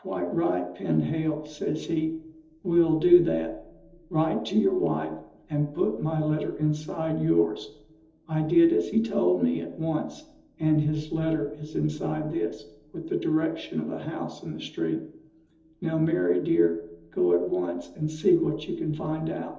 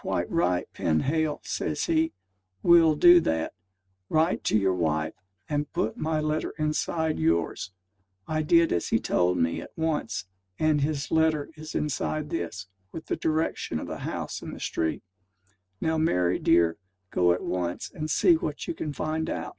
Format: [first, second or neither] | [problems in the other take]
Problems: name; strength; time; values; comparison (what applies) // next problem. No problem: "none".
second | room echo; dies away in 1.2 s